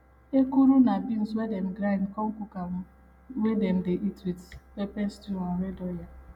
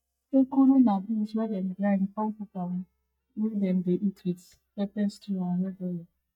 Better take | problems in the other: first | noise reduction (neural mask model DeepFilterNet 3)

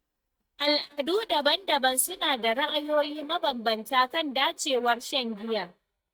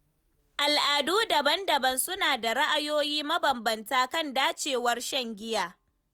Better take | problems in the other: second | noise reduction (neural mask model DeepFilterNet 3)

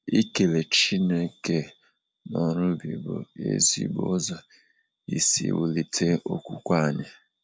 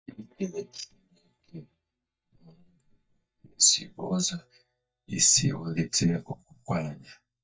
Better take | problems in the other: first | noise reduction (neural mask model DeepFilterNet 3)

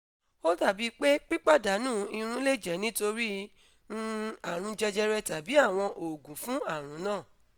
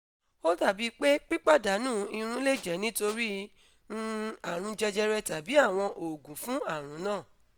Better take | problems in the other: first | background sound (Tools); 19 dB below the speech

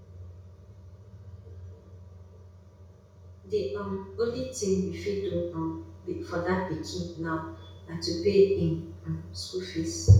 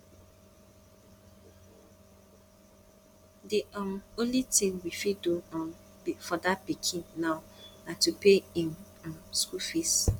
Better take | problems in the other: second | room echo; dies away in 0.6 s

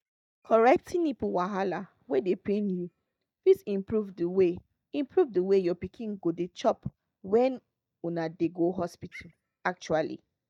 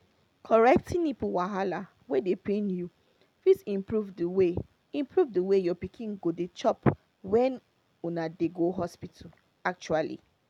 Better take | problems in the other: second | noise reduction (neural mask model DeepFilterNet 3)

